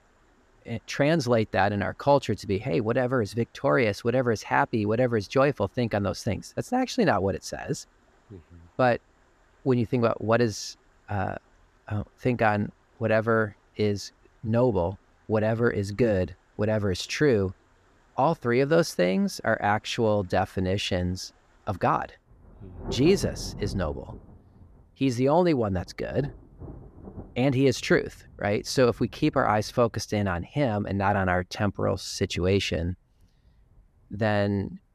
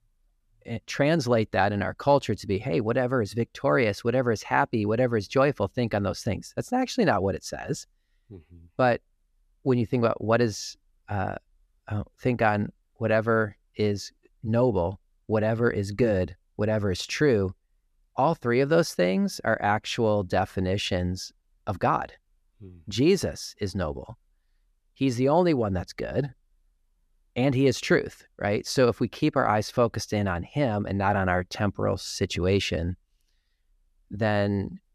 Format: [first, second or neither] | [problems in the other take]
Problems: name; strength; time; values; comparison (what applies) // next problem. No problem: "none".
second | rain or running water; noticeable; throughout; 15 dB below the speech